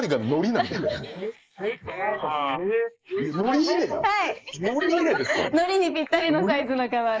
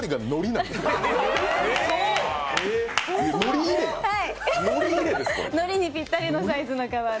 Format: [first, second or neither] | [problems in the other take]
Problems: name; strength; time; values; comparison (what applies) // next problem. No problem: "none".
second | noise reduction (neural mask model Resemble Enhance denoiser)